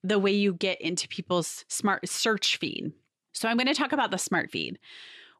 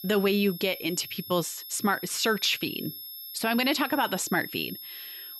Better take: first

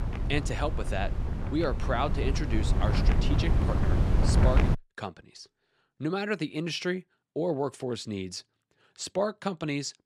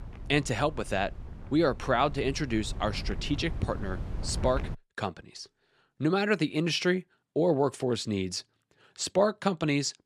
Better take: second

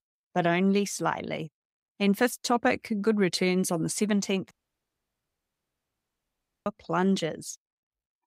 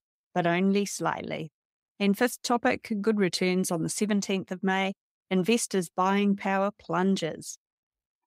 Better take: second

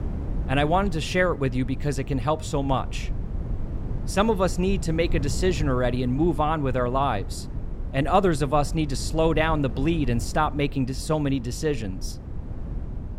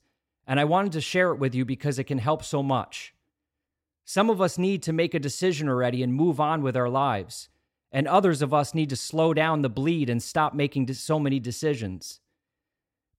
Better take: second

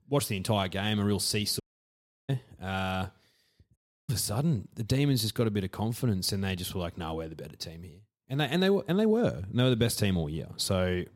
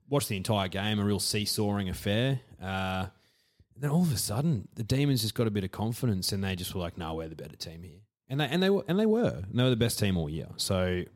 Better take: second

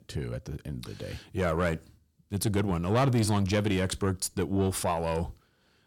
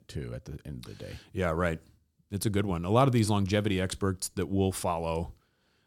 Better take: second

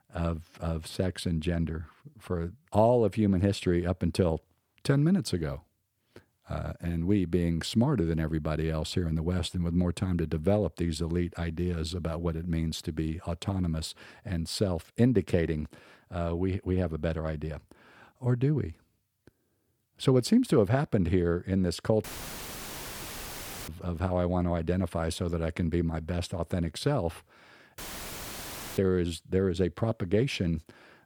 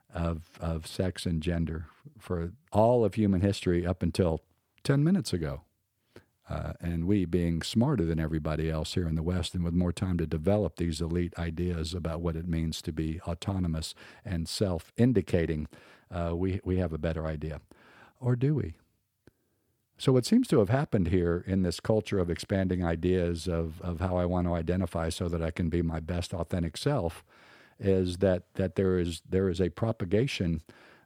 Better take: second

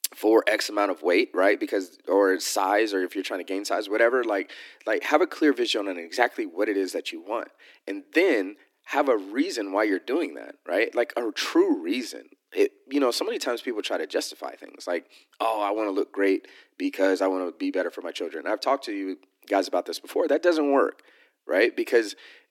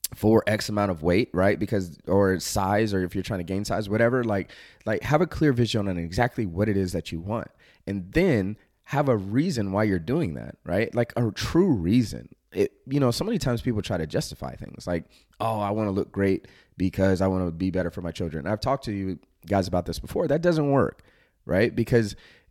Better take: second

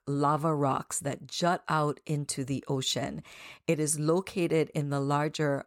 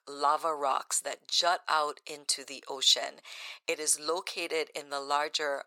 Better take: first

